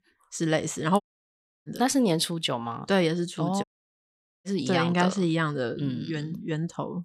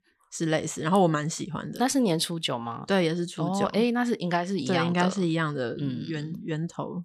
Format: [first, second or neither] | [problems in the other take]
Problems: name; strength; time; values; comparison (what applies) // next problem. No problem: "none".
second | audio cutting out; at 1 s for 0.5 s and at 3.5 s for 1 s